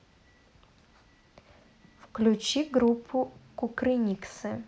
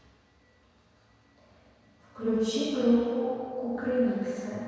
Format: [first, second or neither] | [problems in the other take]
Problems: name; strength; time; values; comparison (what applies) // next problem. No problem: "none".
first | room echo; dies away in 1.9 s